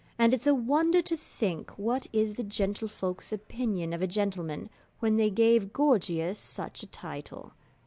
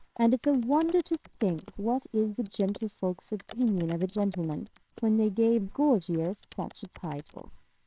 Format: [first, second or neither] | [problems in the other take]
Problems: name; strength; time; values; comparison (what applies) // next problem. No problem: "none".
first | noise reduction (neural separator model SepFormer WHAMR!)